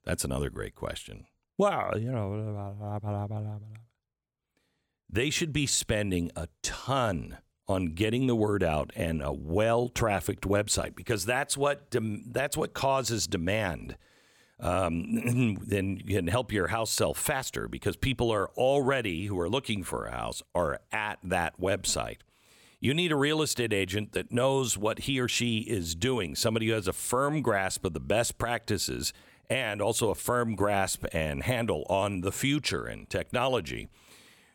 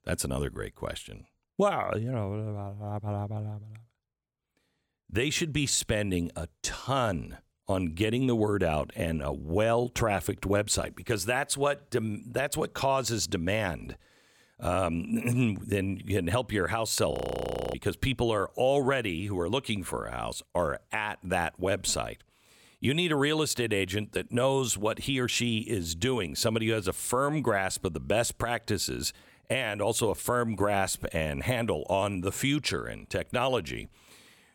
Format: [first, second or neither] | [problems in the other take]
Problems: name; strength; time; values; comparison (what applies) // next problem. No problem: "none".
first | audio freezing; at 17 s for 0.5 s